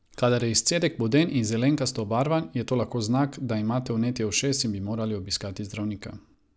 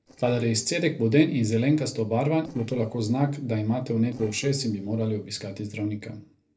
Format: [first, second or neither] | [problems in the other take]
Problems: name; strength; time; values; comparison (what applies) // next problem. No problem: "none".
first | noise reduction (neural separator model SepFormer DNS4)